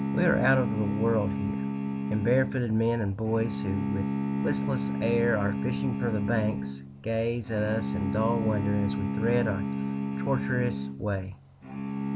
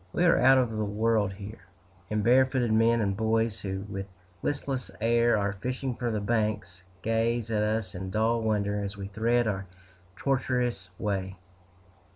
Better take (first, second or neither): second